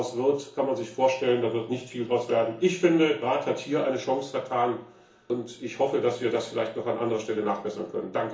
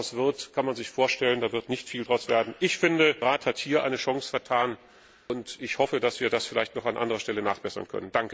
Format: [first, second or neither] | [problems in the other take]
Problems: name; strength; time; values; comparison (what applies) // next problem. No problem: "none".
second | room echo; dies away in 0.7 s